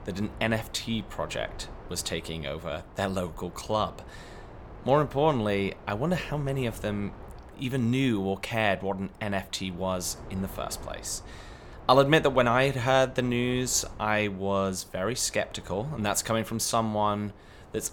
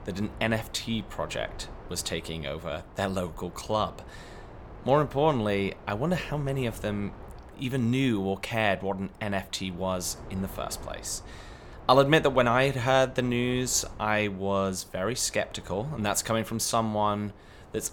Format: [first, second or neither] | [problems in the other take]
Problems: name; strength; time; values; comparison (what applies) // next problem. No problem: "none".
neither | wind noise on the microphone; occasional gusts; 20 dB below the speech; the same in both